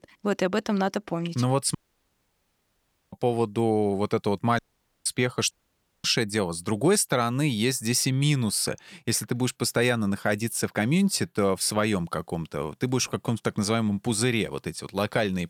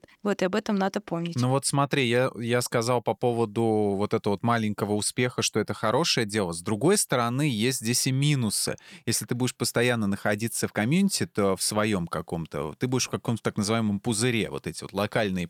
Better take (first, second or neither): second